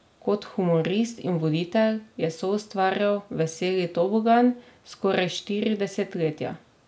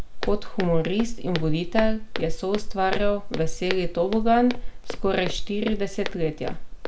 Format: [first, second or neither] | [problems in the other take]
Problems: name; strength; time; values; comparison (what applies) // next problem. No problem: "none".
first | background sound (Walk, footsteps); 1 dB below the speech